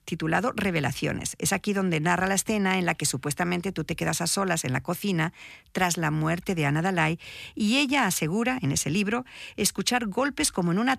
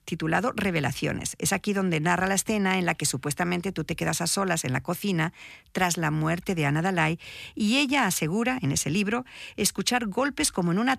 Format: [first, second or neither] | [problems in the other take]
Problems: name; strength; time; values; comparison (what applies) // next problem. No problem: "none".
neither | none